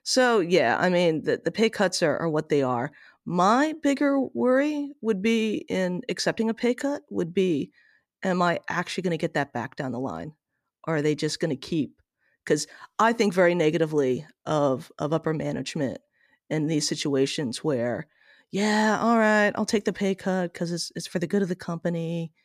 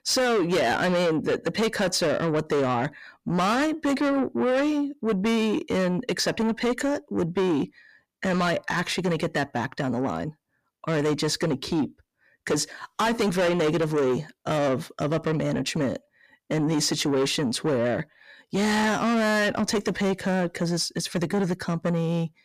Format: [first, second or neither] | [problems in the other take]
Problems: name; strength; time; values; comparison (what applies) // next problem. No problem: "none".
first | distortion; heavy; 7 dB below the speech